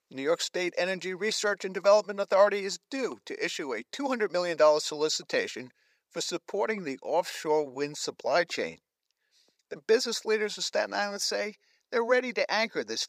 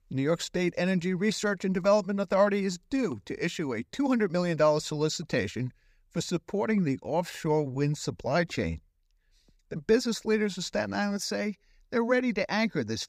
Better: second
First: thin; somewhat; fading below 500 Hz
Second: none

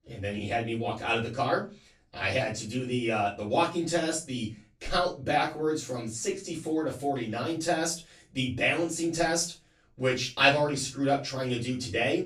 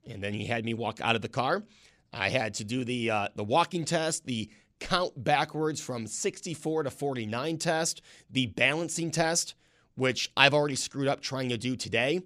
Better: second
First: room echo; slight; dies away in 0.3 s // off-mic speech; far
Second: none

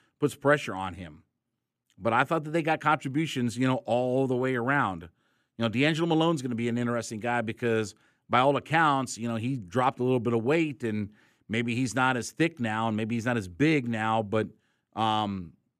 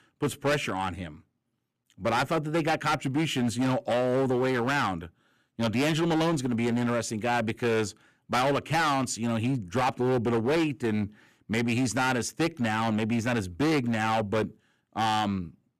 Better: first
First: none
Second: distortion; heavy; 15% of the sound clipped

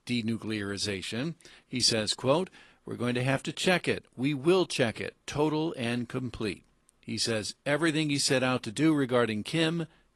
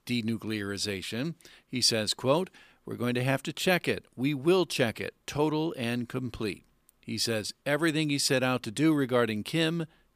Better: second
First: garbled, watery; slightly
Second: none

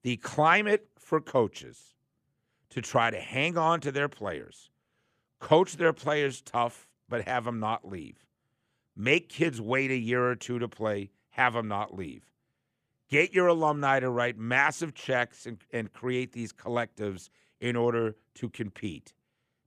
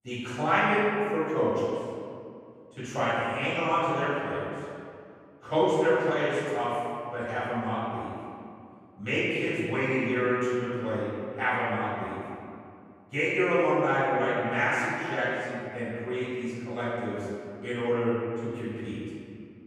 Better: first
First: none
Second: off-mic speech; far // room echo; strong; dies away in 2.2 s

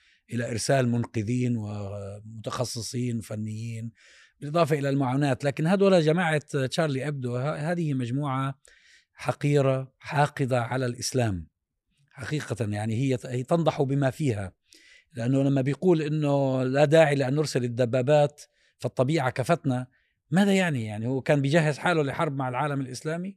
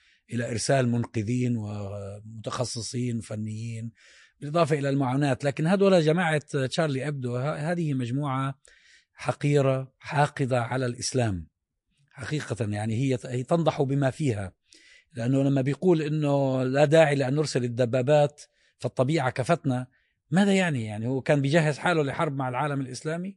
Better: first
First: none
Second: garbled, watery; slightly; nothing above 9.5 kHz

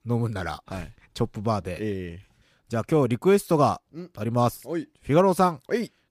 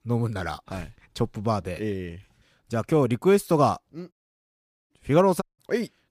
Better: first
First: none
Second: audio cutting out; at 4 s for 1 s and at 5.5 s

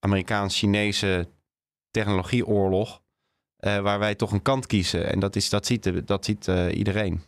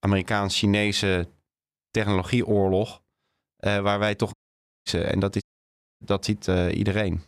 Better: first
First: none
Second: audio cutting out; at 4.5 s for 0.5 s and at 5.5 s for 0.5 s

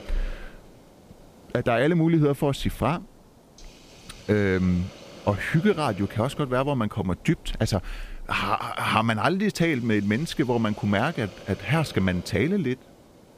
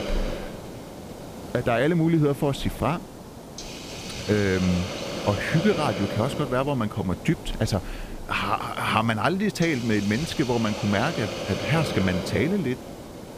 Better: first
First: hiss; faint; throughout; 20 dB below the speech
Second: hiss; loud; throughout; 9 dB below the speech

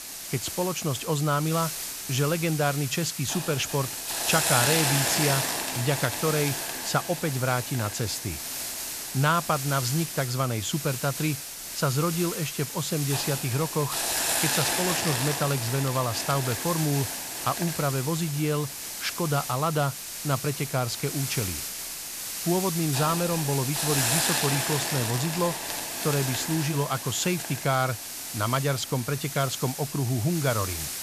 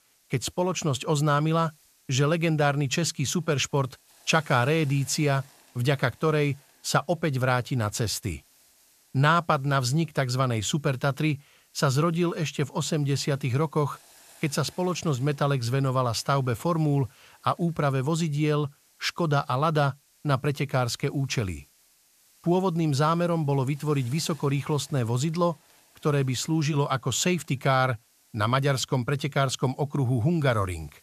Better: second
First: hiss; loud; throughout; 1 dB below the speech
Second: hiss; faint; throughout; 30 dB below the speech

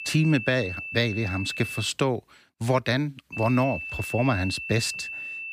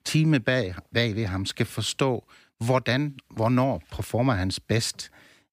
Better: second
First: high-pitched whine; loud; until 2 s and from 3.5 s on; 2.5 kHz, 7 dB below the speech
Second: none

